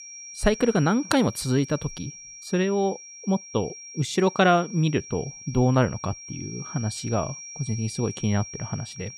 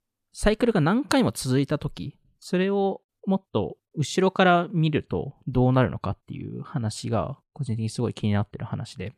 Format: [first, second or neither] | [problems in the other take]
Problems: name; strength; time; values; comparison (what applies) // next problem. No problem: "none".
second | high-pitched whine; noticeable; throughout; 5.5 kHz, 15 dB below the speech